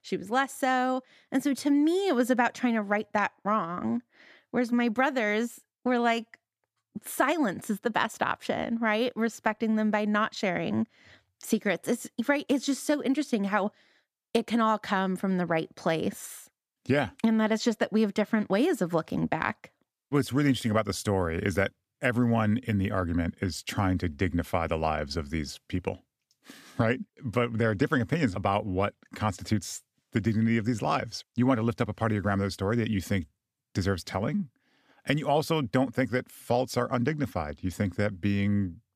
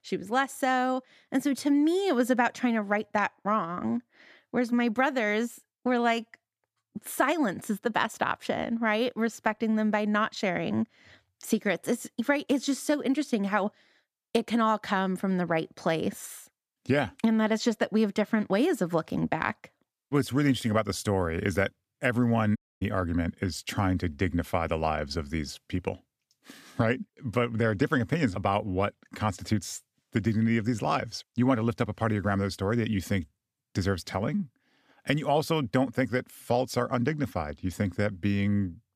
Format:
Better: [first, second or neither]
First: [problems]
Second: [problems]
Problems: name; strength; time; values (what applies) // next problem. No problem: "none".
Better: first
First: none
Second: audio cutting out; at 23 s